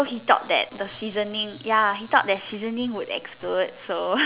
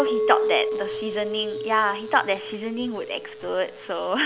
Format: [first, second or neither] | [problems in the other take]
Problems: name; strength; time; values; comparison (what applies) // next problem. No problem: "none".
first | background sound (Chink, clink); 3 dB below the speech